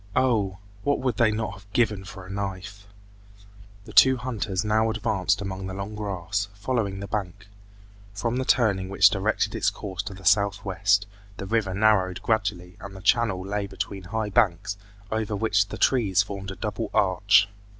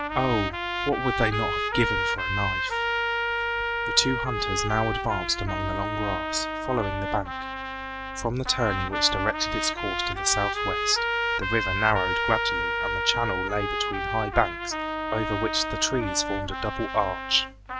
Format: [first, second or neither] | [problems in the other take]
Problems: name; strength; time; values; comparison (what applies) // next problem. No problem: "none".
first | background sound (Trumpet); as loud as the speech